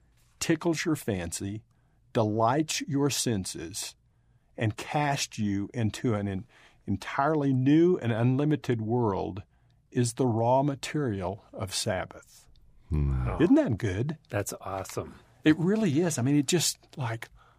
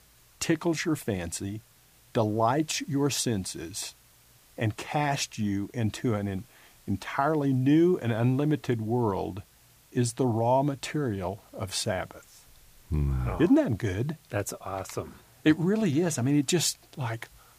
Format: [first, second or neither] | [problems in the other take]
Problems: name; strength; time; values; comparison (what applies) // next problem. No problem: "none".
first | hiss; faint; throughout; 30 dB below the speech